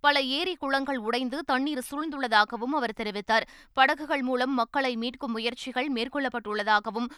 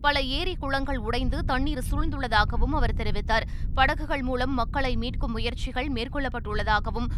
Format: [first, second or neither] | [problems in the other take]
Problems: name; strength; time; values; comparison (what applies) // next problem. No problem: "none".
first | low rumble; faint; throughout; 20 dB below the speech